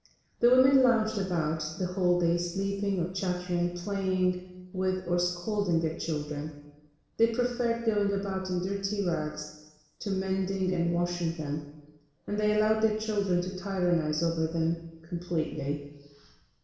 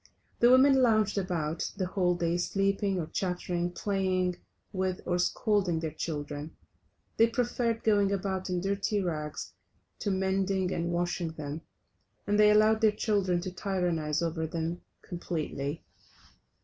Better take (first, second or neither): second